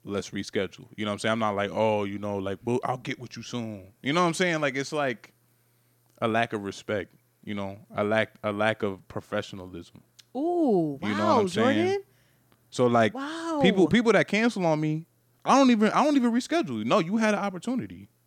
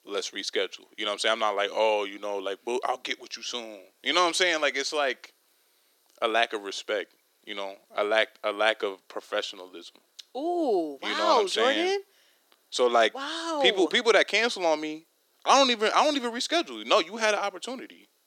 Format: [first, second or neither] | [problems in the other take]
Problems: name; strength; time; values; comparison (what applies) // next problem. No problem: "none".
first | thin; somewhat; fading below 350 Hz